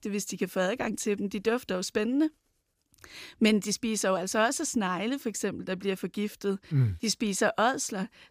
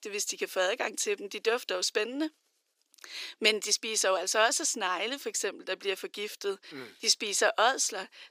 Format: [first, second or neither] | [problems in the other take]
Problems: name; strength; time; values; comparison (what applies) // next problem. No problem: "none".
first | thin; very; fading below 350 Hz